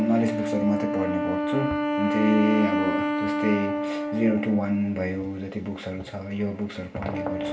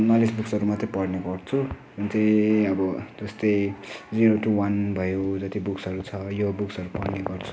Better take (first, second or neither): second